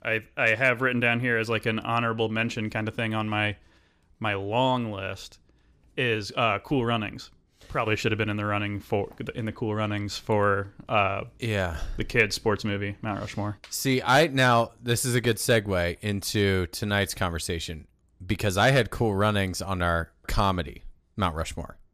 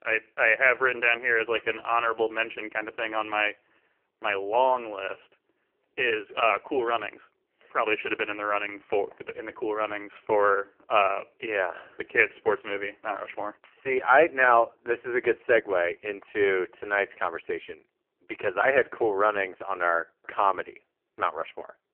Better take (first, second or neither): first